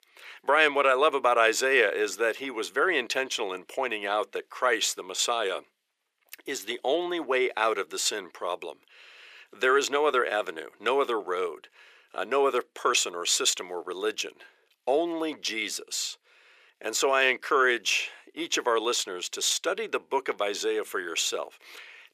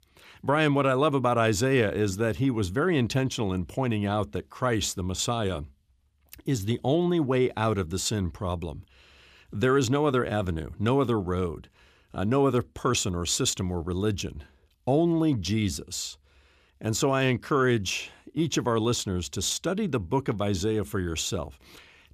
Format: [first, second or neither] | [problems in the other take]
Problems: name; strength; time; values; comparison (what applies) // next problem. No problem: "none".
second | thin; very; fading below 450 Hz